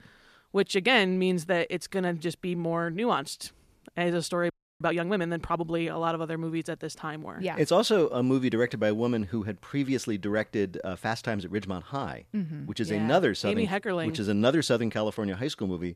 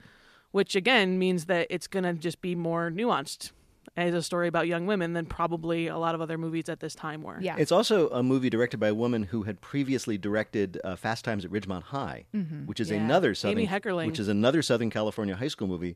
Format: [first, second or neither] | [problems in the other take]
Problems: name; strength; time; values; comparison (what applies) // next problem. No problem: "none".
second | audio freezing; at 4.5 s